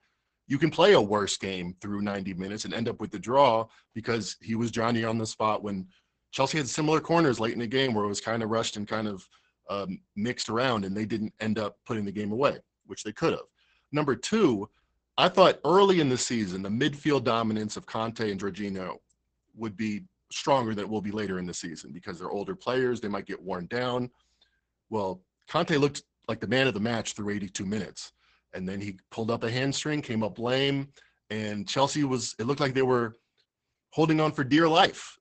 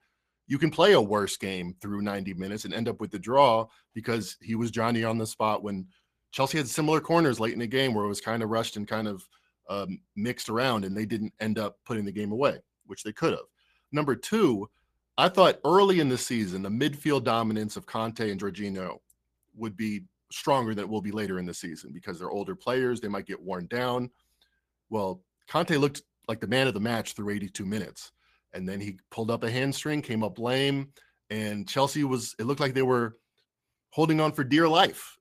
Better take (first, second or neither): second